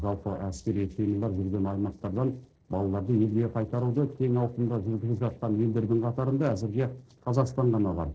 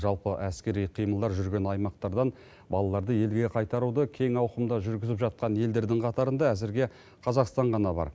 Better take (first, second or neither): second